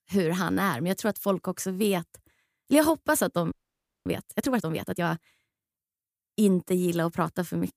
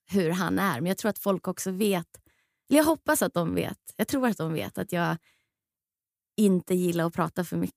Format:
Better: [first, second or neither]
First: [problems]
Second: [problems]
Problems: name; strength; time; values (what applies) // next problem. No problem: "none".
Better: second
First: audio freezing; at 3.5 s for 0.5 s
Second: none